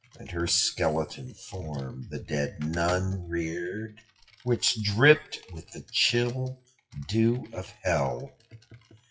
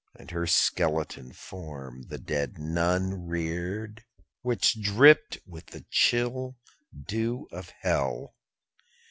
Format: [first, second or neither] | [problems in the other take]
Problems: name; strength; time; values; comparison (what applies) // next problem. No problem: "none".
second | noise reduction (classical method WPE with log-MMSE)